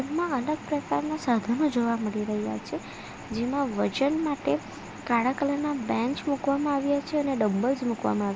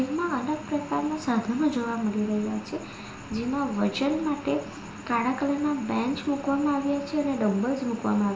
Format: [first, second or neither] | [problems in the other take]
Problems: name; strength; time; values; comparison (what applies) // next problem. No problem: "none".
first | room echo; dies away in 1.6 s